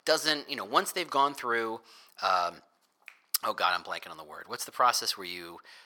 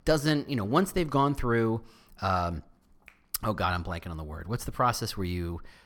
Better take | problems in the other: second | thin; very; fading below 600 Hz

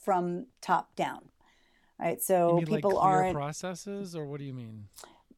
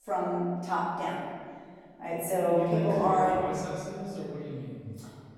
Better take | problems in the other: first | room echo; strong; dies away in 1.8 s // off-mic speech; far

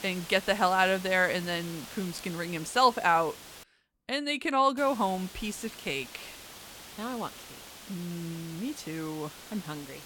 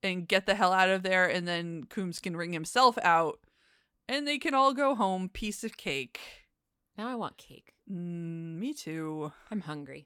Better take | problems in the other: second | hiss; noticeable; until 3.5 s and from 5 s on; 15 dB below the speech

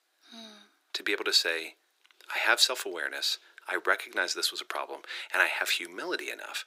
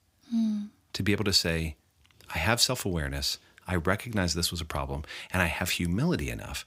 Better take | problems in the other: second | thin; very; fading below 350 Hz

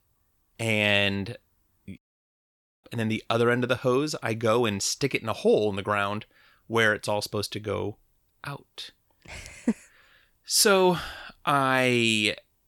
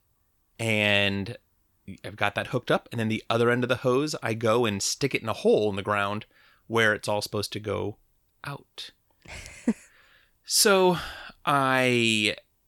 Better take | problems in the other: second | audio cutting out; at 2 s for 1 s

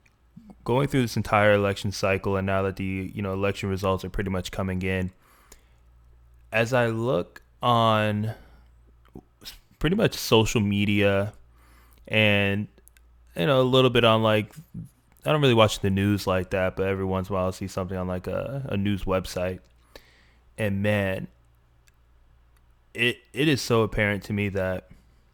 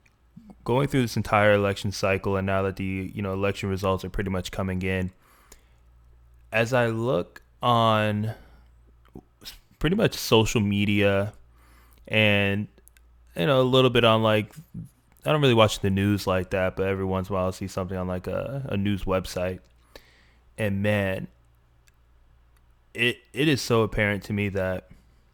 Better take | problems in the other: neither | none

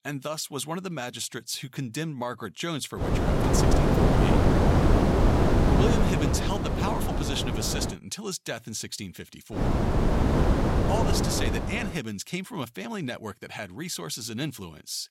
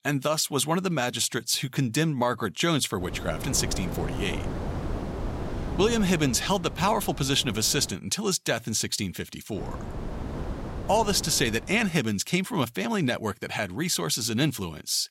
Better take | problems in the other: second | wind noise on the microphone; heavy; from 3 to 8 s and from 9.5 to 12 s; 5 dB above the speech; occasional gusts in the second

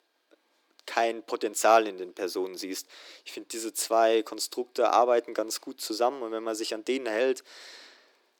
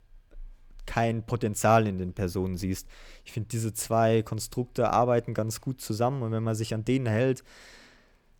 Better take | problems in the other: second | thin; very; fading below 300 Hz

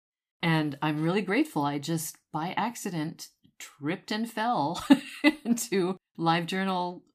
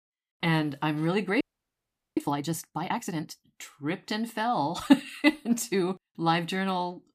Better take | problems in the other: first | audio freezing; at 1.5 s for 1 s

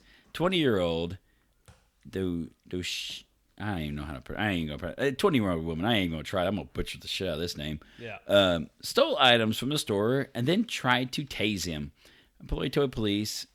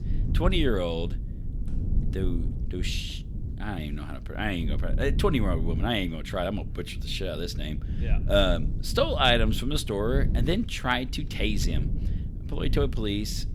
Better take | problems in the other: first | low rumble; noticeable; throughout; 15 dB below the speech

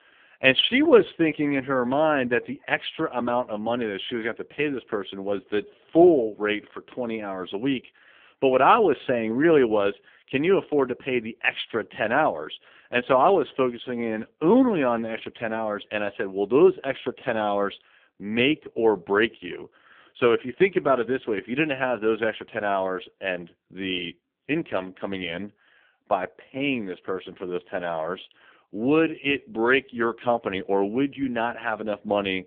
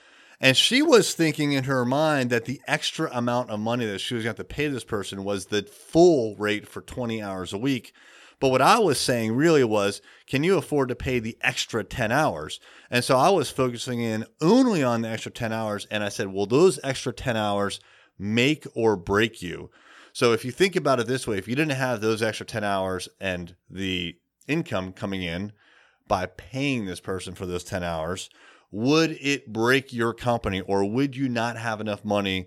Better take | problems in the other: second | phone-call audio; poor line; nothing above 3.5 kHz

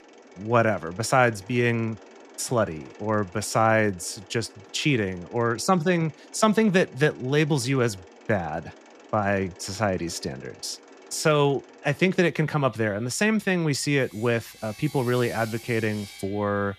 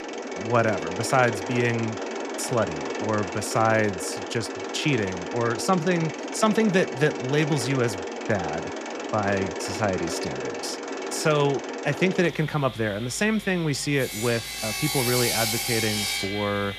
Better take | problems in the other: first | machinery noise; loud; throughout; 5 dB below the speech; faint in the first

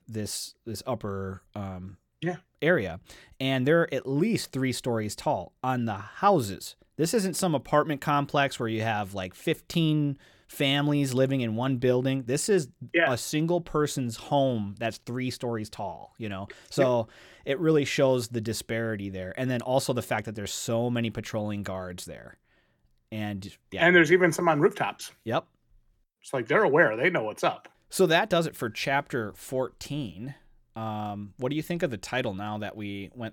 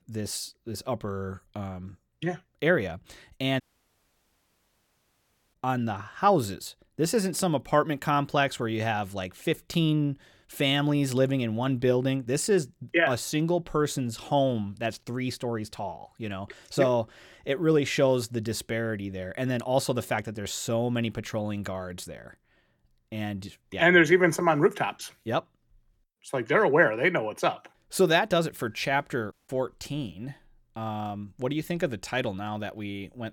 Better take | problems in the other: first | audio cutting out; at 3.5 s for 2 s and at 29 s

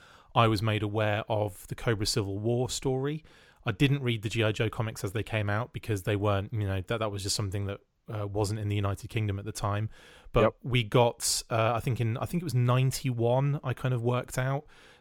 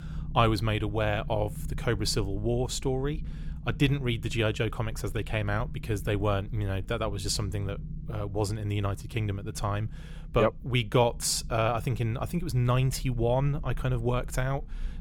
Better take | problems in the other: first | low rumble; faint; throughout; 25 dB below the speech

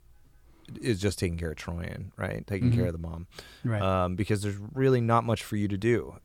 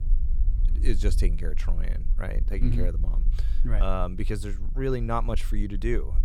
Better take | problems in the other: first | low rumble; noticeable; throughout; 20 dB below the speech

